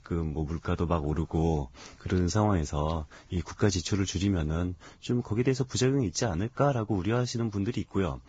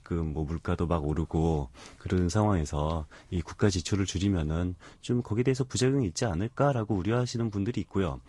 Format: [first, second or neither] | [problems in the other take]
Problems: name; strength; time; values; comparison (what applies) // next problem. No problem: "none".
second | garbled, watery; badly; nothing above 7.5 kHz; slightly in the second